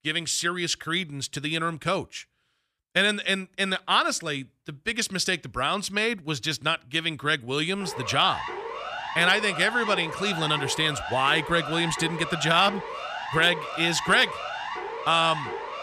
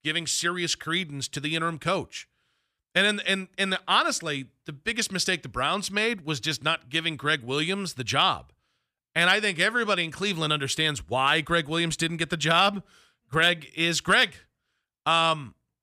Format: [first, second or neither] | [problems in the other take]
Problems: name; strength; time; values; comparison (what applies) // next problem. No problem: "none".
second | siren; noticeable; from 8 s on; peak 7 dB below the speech